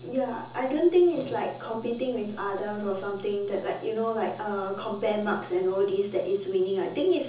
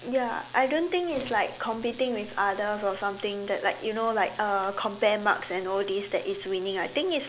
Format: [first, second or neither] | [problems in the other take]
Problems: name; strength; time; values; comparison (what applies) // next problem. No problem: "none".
second | room echo; dies away in 0.6 s